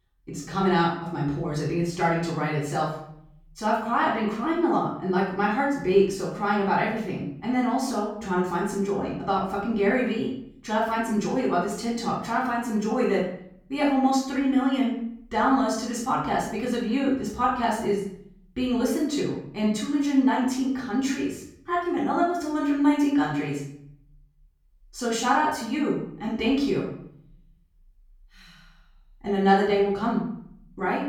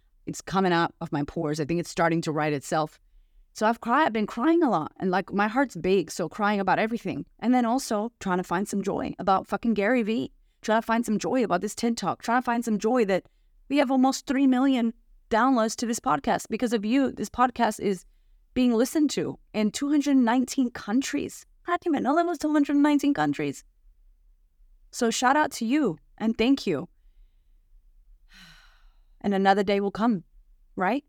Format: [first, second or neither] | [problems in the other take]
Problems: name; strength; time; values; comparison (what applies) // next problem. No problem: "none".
second | off-mic speech; far // room echo; noticeable; dies away in 0.7 s